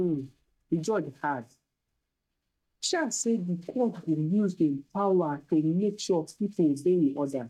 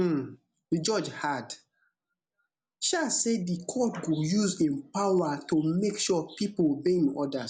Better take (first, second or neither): second